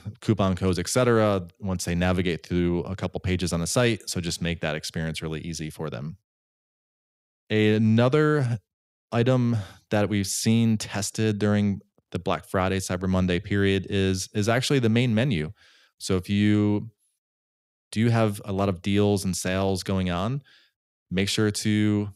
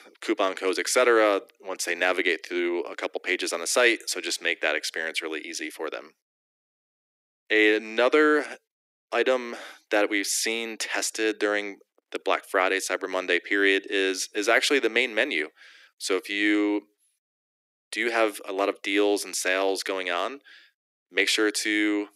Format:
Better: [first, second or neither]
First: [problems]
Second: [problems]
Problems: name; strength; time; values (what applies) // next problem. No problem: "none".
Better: first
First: none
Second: thin; very; fading below 300 Hz